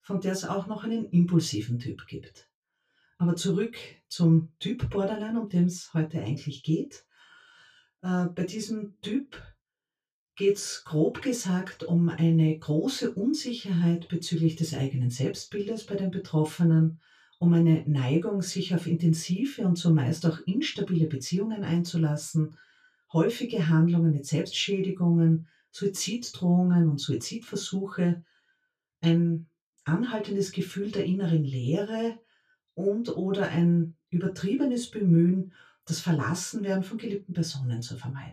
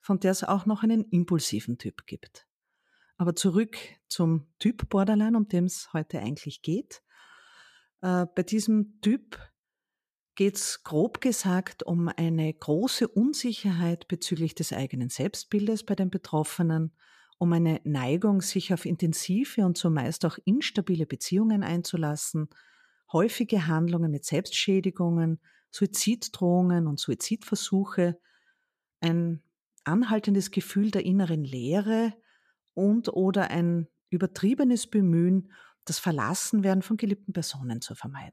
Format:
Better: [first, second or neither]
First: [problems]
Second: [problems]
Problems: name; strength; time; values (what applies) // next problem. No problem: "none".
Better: second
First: room echo; very slight; dies away in 0.1 s // off-mic speech; far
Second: none